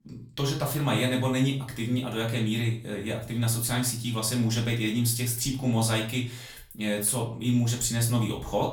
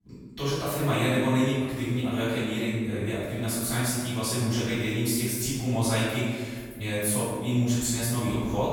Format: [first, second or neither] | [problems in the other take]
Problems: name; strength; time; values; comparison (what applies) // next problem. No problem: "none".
first | room echo; strong; dies away in 1.5 s; slight in the first // off-mic speech; far; far in the first